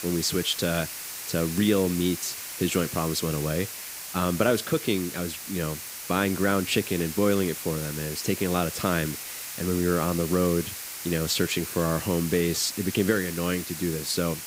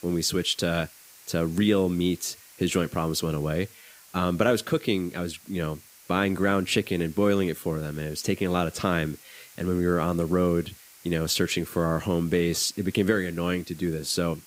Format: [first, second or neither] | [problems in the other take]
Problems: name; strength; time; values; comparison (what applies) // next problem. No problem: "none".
second | hiss; loud; throughout; 7 dB below the speech; faint in the second